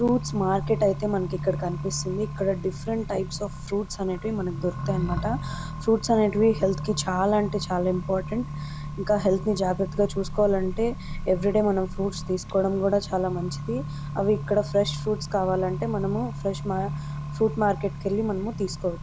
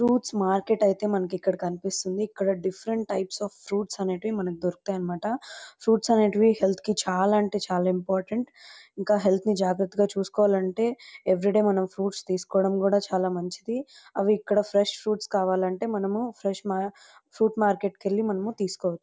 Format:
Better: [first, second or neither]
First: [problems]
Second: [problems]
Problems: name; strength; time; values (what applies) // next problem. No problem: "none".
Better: second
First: background sound (Accelerating, revving, vroom); 7 dB below the speech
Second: none